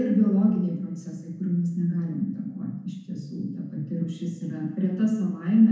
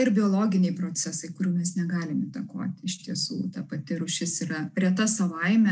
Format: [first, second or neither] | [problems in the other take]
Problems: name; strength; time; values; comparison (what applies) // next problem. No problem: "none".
second | room echo; dies away in 1 s